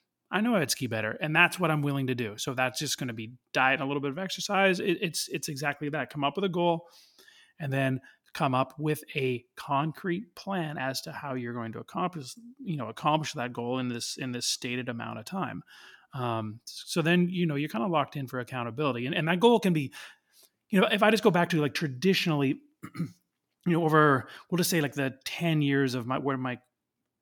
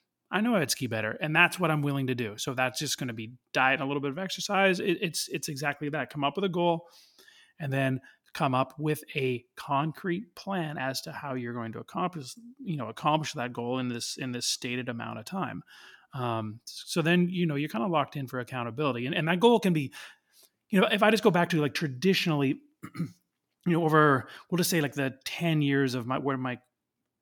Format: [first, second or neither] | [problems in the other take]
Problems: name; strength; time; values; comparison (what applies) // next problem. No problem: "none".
neither | none